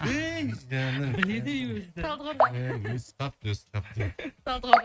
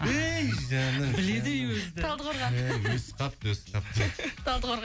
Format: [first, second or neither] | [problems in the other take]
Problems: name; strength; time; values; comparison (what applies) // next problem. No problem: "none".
second | noise reduction (neural mask model RNNoise)